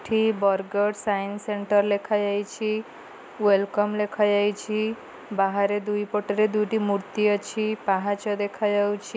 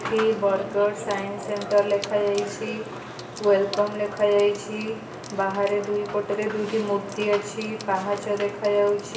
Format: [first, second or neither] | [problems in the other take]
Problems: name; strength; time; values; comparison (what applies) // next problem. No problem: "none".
first | background sound (Sink (filling or washing) / Water tap, faucet / Water); 11 dB below the speech // room echo; dies away in 0.9 s